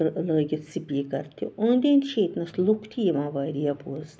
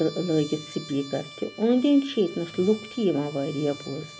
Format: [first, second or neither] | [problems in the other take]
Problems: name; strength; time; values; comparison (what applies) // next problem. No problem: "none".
first | background sound (Trumpet); 18 dB below the speech